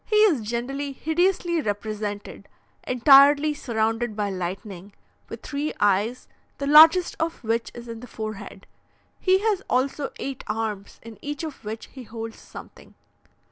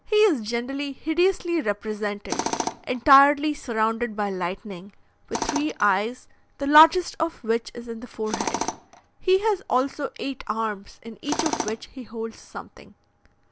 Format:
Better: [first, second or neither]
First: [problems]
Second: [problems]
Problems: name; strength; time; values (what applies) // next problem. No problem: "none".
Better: first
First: none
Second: background sound (Tools); 11 dB below the speech